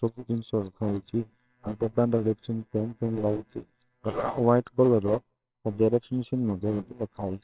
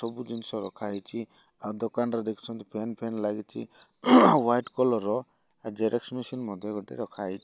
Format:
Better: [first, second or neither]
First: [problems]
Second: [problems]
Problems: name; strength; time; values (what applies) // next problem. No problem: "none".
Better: second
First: noise reduction (neural separator model SepFormer WHAMR!)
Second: none